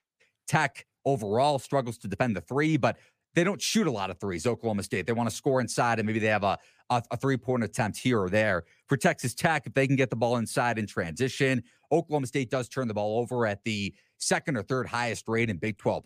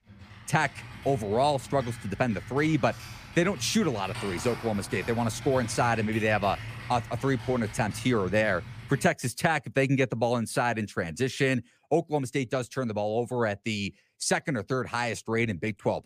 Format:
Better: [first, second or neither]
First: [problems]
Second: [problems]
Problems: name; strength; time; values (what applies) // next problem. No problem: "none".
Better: first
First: none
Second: keyboard typing; noticeable; until 9 s; peak 9 dB below the speech